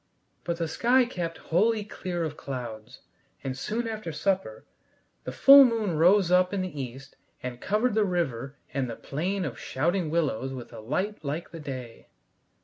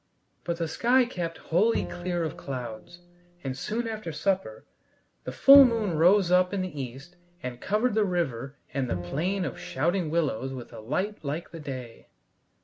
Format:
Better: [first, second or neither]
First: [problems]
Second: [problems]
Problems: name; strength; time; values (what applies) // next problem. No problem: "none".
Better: first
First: none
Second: background sound (Bowed string instrument); 13 dB below the speech